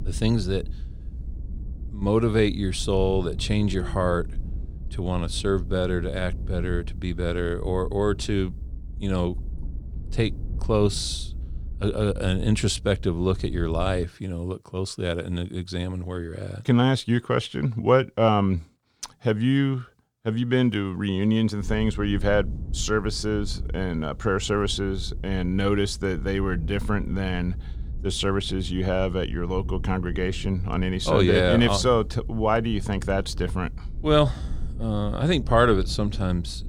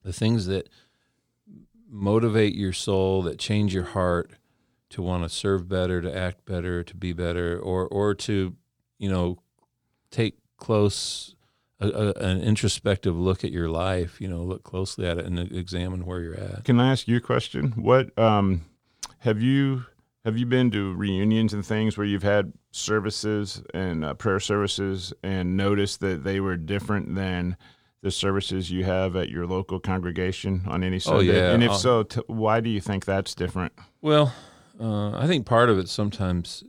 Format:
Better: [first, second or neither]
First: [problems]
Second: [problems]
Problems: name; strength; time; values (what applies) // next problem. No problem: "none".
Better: second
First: low rumble; faint; until 14 s and from 22 s on; 25 dB below the speech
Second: none